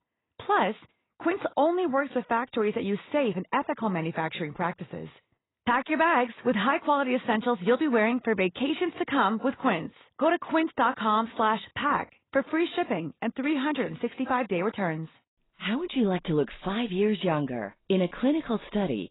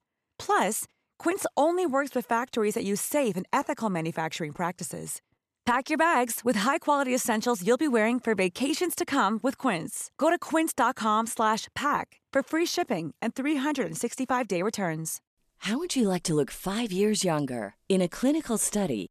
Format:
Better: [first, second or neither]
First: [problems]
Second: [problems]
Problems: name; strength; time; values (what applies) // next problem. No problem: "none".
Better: second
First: garbled, watery; badly; nothing above 4 kHz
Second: none